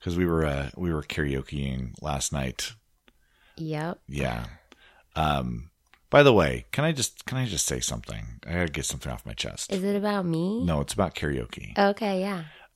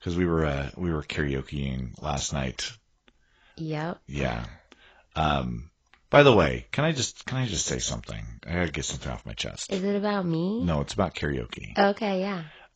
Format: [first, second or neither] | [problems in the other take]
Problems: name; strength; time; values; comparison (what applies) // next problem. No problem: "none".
first | garbled, watery; badly; nothing above 7.5 kHz